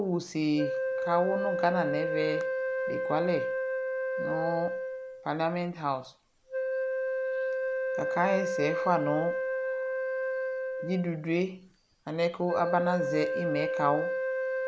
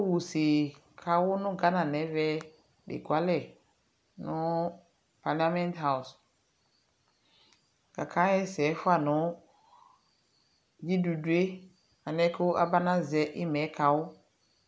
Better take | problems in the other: second | background sound (Wind instrument, woodwind instrument); as loud as the speech

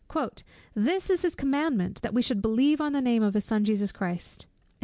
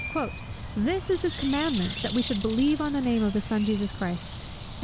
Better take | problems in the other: first | background sound (Bird); 9 dB below the speech

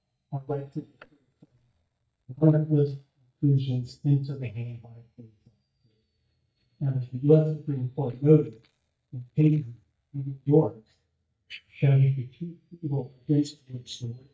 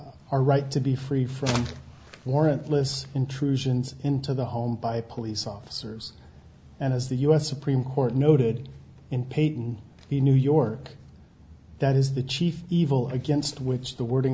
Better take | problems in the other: second | noise reduction (neural mask model DeepFilterNet 3)

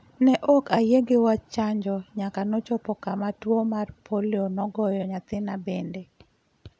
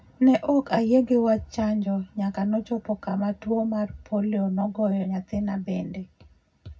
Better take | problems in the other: first | room echo; dies away in 0.4 s

